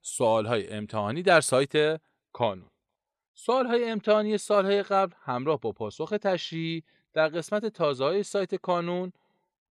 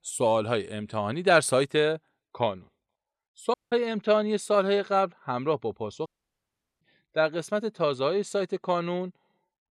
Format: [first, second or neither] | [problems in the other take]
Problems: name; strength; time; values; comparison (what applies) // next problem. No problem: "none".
first | audio cutting out; at 3.5 s and at 6 s for 1 s